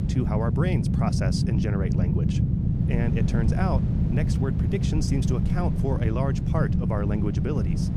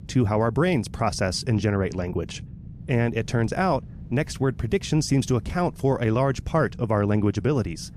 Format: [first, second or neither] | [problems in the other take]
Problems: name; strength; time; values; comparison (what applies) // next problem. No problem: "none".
second | low rumble; loud; throughout; 2 dB below the speech; faint in the second